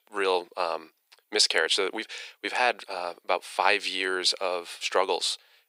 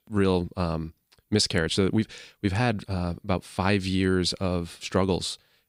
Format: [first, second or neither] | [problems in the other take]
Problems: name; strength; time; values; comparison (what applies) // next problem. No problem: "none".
second | thin; very; fading below 450 Hz